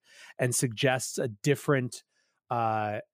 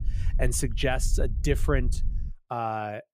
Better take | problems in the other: first | low rumble; faint; until 2.5 s; 20 dB below the speech

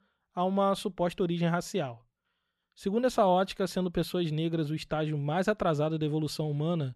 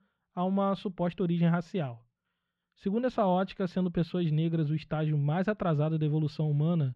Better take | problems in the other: first | muffled; slightly; fading above 3 kHz

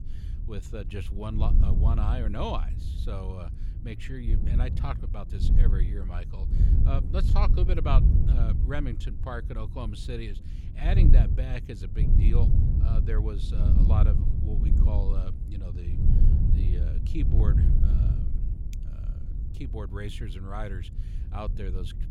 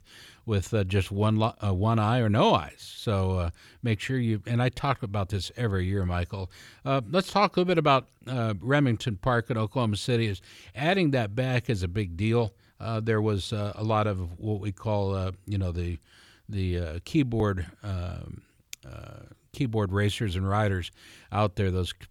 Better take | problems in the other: second | wind noise on the microphone; heavy; 3 dB below the speech

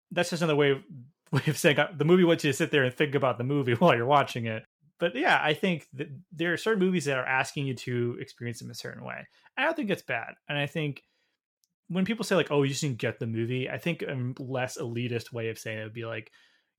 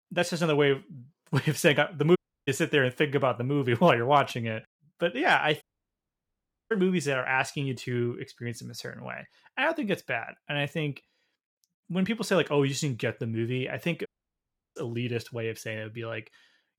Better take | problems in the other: first | audio cutting out; at 2 s, at 5.5 s for 1 s and at 14 s for 0.5 s

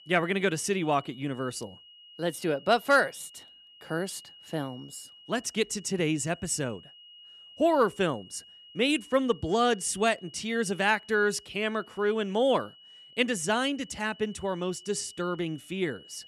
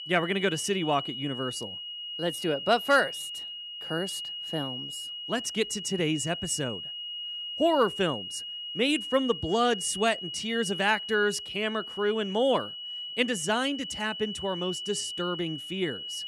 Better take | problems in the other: first | high-pitched whine; loud; throughout; 3 kHz, 7 dB below the speech; faint in the first

